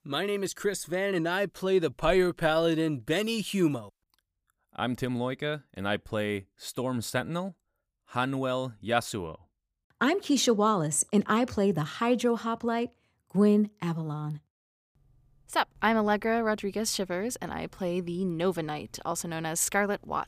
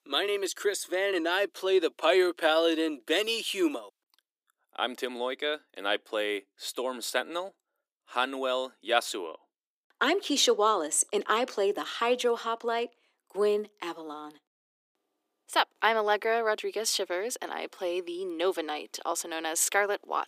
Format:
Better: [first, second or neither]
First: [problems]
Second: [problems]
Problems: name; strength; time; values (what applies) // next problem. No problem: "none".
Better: first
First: none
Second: thin; somewhat; fading below 300 Hz